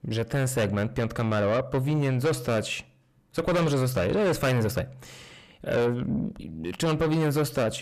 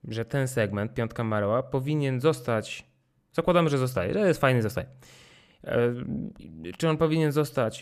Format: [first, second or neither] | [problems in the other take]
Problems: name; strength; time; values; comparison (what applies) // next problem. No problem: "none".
second | distortion; heavy; 7 dB below the speech